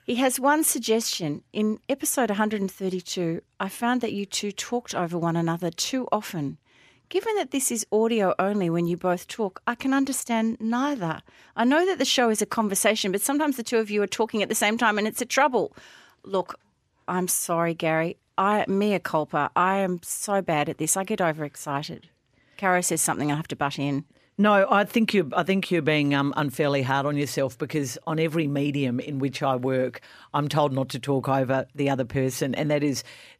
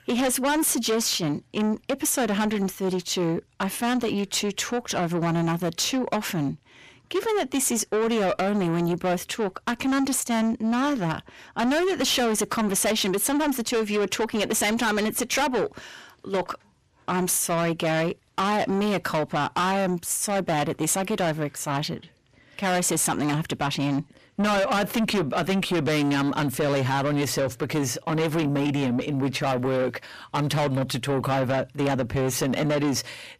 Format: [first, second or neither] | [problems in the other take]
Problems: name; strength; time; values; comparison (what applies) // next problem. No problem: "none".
first | distortion; heavy; 7 dB below the speech